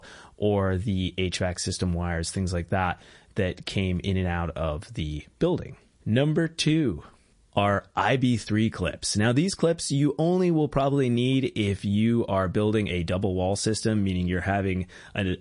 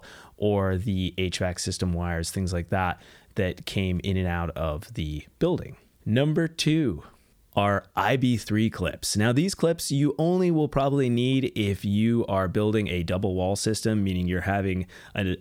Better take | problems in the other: second | garbled, watery; slightly; nothing above 10.5 kHz

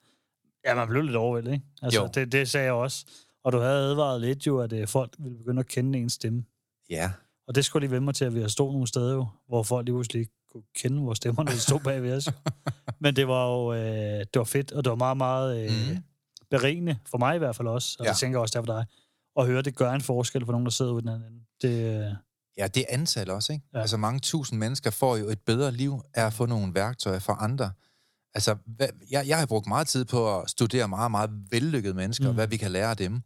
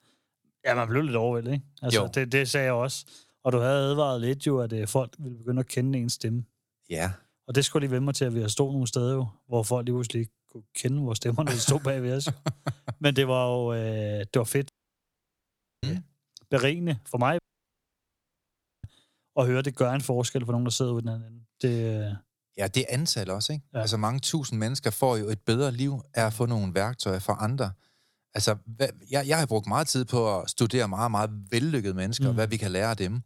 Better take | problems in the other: first | audio cutting out; at 15 s for 1 s and at 17 s for 1.5 s

